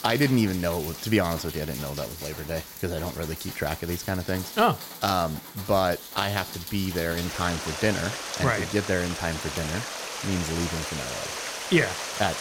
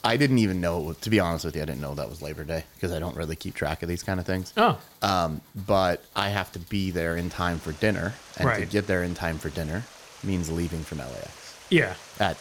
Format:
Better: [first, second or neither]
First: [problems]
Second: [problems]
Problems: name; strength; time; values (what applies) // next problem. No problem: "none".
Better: second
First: rain or running water; loud; throughout; 6 dB below the speech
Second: rain or running water; faint; throughout; 20 dB below the speech